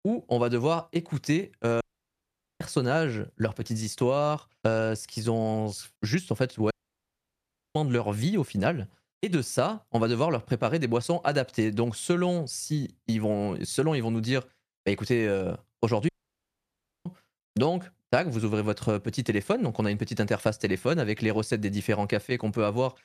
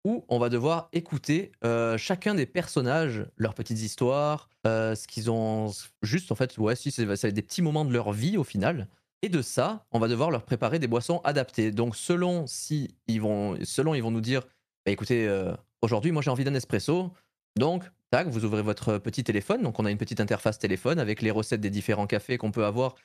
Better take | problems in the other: second | audio cutting out; at 2 s for 1 s, at 6.5 s for 1 s and at 16 s for 1 s

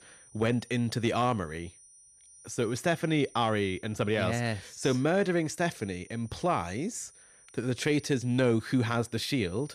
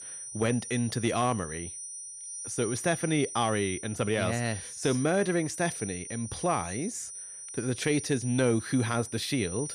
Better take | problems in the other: first | high-pitched whine; loud; throughout; 9 kHz, 9 dB below the speech; faint in the first

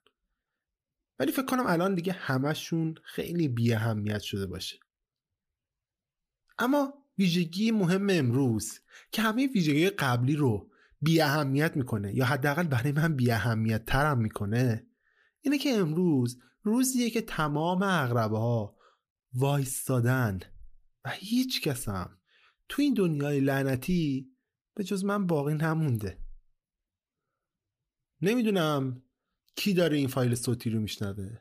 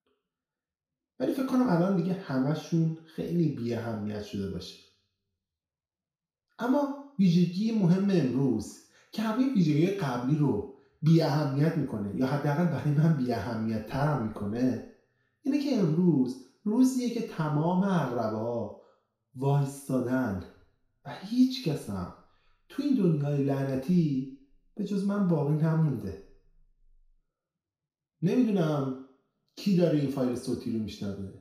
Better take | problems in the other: first | room echo; noticeable; dies away in 0.6 s // off-mic speech; far

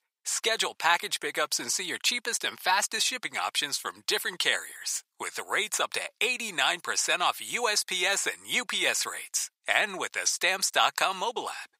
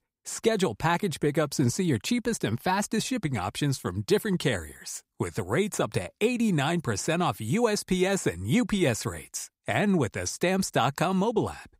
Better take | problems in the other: second | thin; very; fading below 900 Hz

